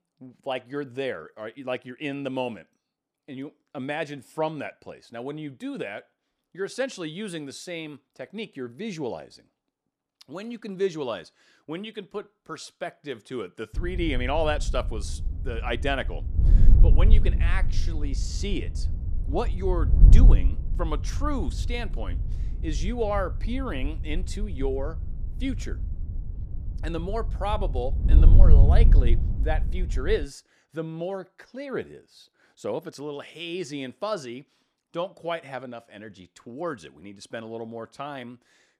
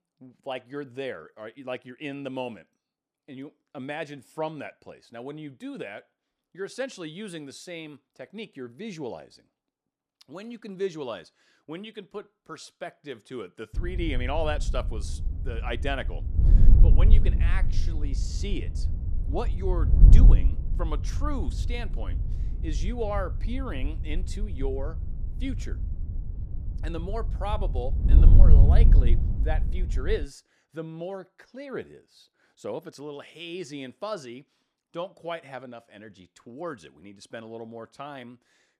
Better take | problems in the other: first | wind noise on the microphone; heavy; from 14 to 30 s; 7 dB below the speech; occasional gusts in the first

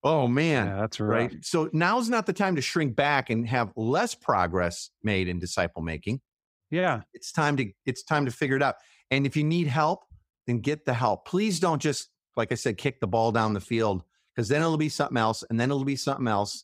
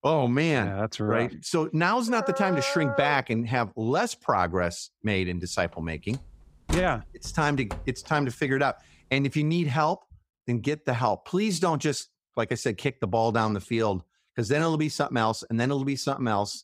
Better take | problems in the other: first | dog barking; noticeable; from 2 to 3 s; peak 3 dB below the speech // door banging; noticeable; from 6 to 8 s; peak 6 dB below the speech

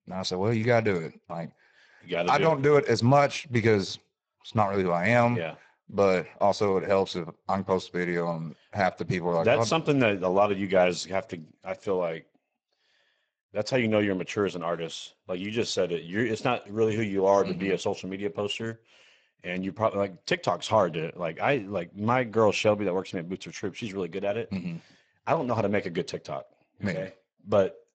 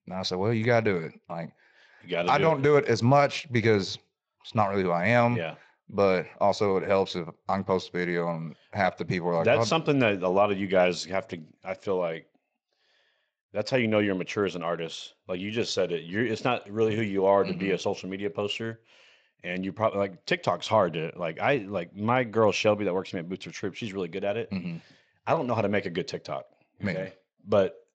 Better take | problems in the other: second | garbled, watery; badly; nothing above 8 kHz; slightly in the second

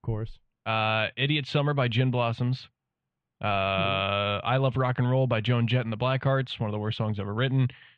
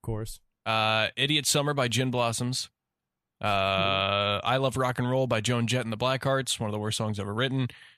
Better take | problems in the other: second | muffled; very; fading above 3 kHz

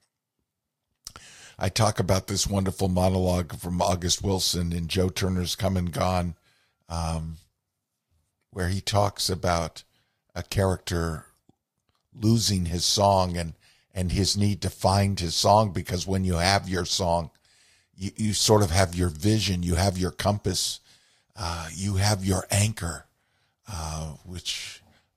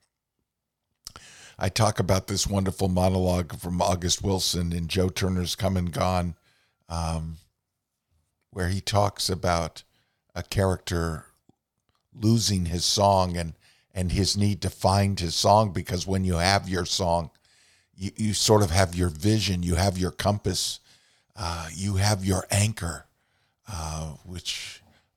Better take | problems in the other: second | garbled, watery; slightly; nothing above 14 kHz

